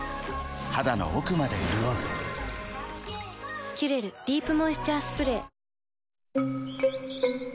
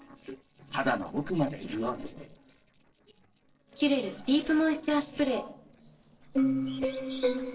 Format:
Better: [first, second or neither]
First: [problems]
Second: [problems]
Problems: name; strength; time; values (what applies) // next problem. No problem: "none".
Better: first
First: none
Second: noise reduction (neural separator model SepFormer DNS4)